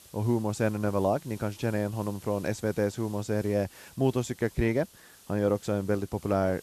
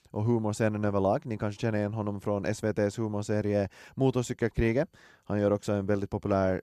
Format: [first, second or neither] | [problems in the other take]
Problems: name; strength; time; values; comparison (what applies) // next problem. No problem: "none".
second | hiss; faint; throughout; 20 dB below the speech